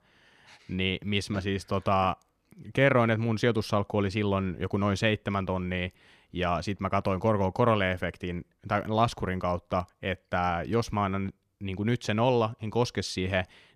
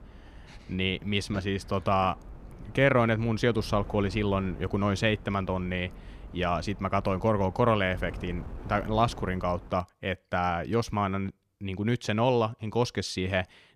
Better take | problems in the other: first | wind noise on the microphone; occasional gusts; until 9.5 s; 25 dB below the speech

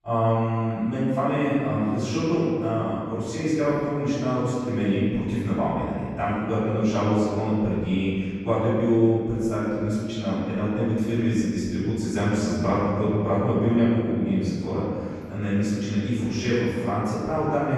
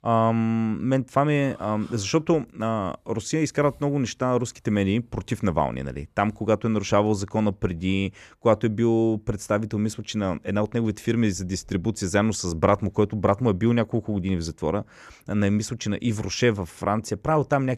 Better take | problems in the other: second | off-mic speech; far // room echo; strong; dies away in 2 s

